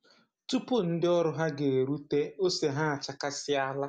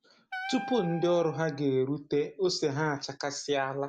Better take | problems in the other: first | background sound (Wind instrument, woodwind instrument); 12 dB below the speech

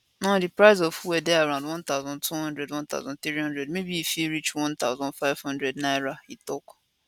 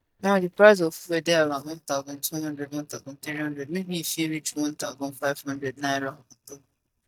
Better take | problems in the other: first | noise reduction (neural mask model DeepFilterNet 3)

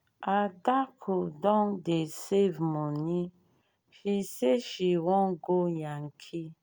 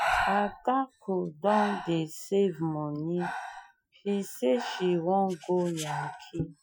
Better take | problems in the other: first | noise reduction (classical method Wiener filter)

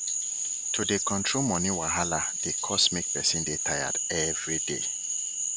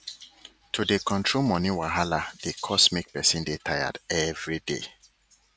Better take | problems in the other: second | background sound (Frog); 1 dB above the speech

